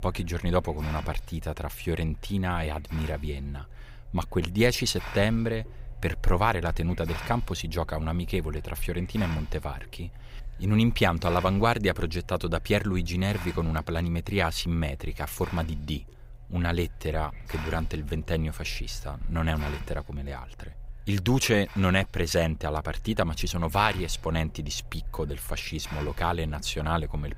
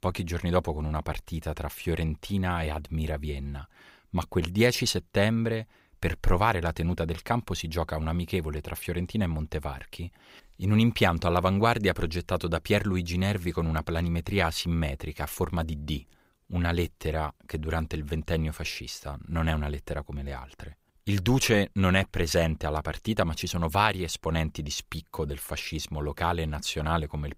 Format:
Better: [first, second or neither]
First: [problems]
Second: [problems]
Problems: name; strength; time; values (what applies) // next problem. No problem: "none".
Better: second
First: hiss; noticeable; throughout; 15 dB below the speech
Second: none